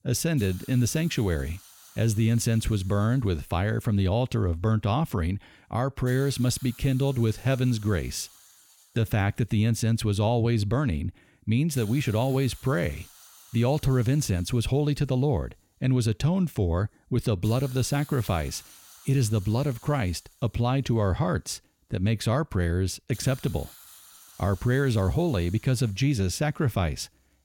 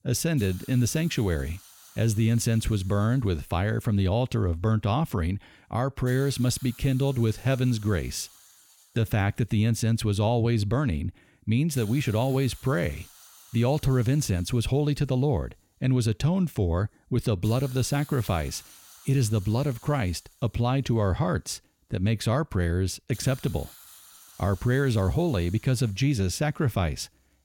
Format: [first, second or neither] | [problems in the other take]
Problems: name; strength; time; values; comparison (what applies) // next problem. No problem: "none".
neither | hiss; faint; throughout; 20 dB below the speech; the same in both